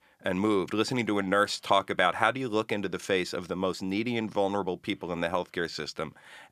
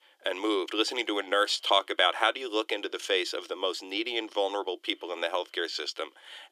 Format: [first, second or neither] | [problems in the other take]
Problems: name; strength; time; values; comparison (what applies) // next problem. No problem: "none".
first | thin; very; fading below 300 Hz